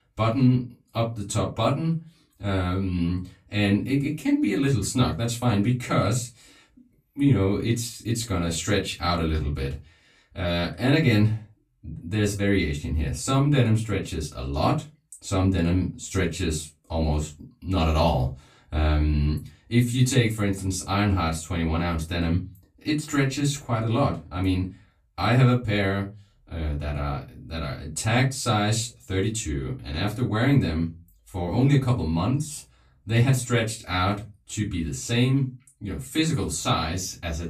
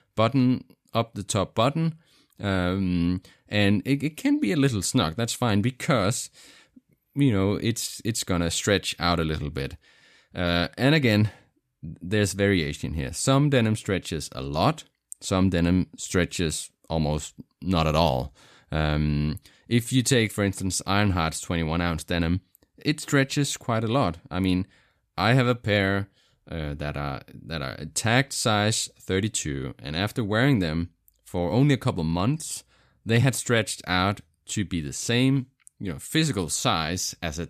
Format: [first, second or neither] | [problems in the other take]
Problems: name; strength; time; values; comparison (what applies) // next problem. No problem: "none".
second | off-mic speech; far // room echo; very slight; dies away in 0.2 s